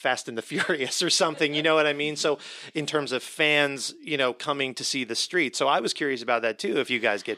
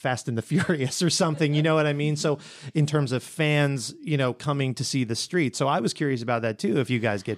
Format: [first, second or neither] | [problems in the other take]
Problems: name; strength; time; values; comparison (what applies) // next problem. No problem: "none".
second | thin; somewhat; fading below 400 Hz